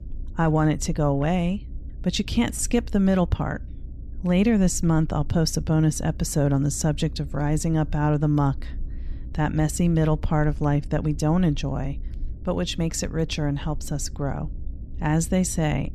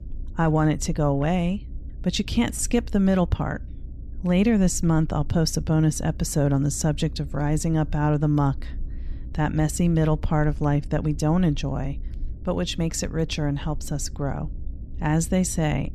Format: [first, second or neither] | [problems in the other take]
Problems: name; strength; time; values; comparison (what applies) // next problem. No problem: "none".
neither | low rumble; faint; throughout; 25 dB below the speech; the same in both